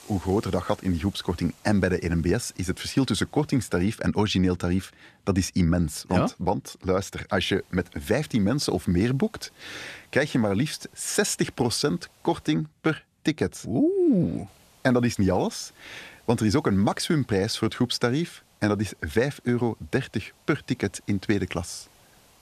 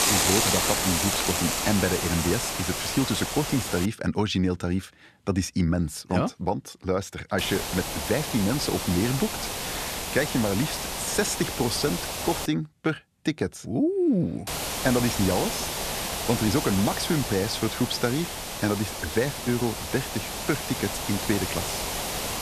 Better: first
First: hiss; faint; until 4 s, from 7.5 to 12 s and from 14 s on; 30 dB below the speech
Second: hiss; loud; until 4 s, from 7.5 to 12 s and from 14 s on; 1 dB below the speech

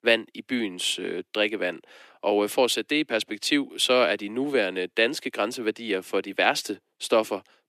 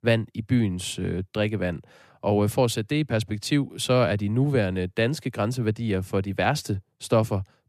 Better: second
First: thin; somewhat; fading below 300 Hz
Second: none

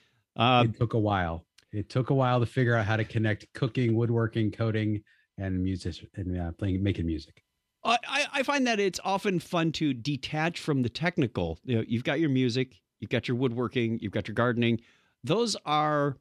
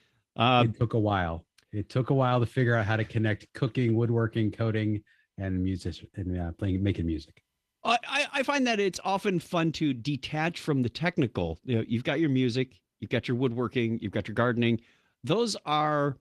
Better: first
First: none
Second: garbled, watery; slightly; nothing above 14 kHz

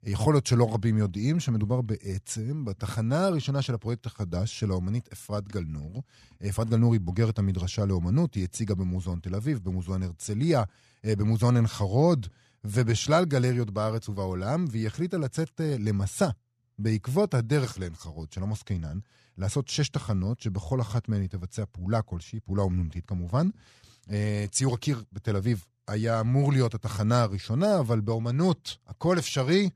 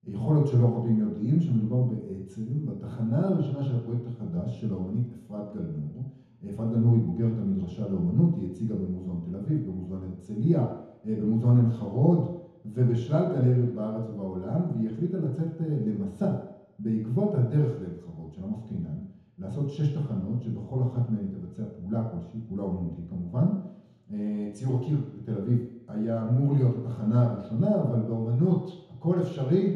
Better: first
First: none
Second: room echo; noticeable; dies away in 1 s // off-mic speech; far

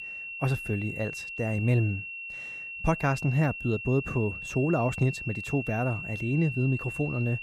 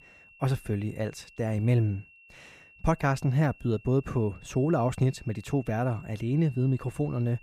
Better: second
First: high-pitched whine; loud; throughout; 2.5 kHz, 7 dB below the speech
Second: high-pitched whine; faint; throughout; 2.5 kHz, 25 dB below the speech

